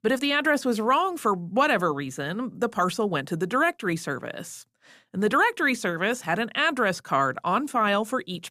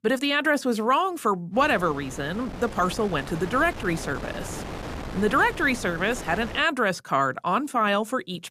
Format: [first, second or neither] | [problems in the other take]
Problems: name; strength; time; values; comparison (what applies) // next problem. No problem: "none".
first | wind noise on the microphone; occasional gusts; from 1.5 to 6.5 s; 15 dB below the speech